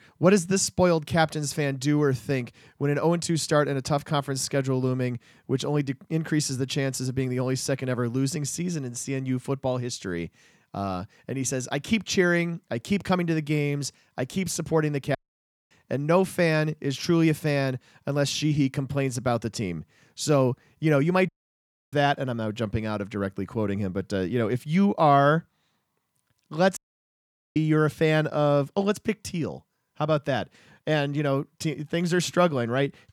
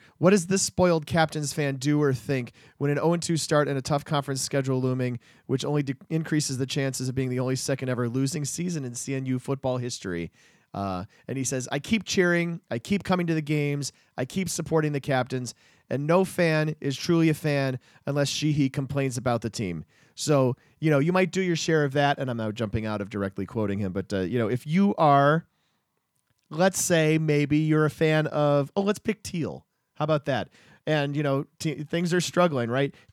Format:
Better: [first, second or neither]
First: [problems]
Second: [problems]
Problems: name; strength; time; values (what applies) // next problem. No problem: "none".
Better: second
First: audio cutting out; at 15 s for 0.5 s, at 21 s for 0.5 s and at 27 s for 1 s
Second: none